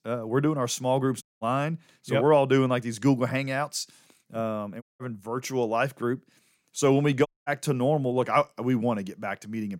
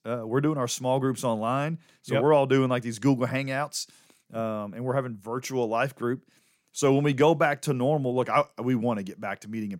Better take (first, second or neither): second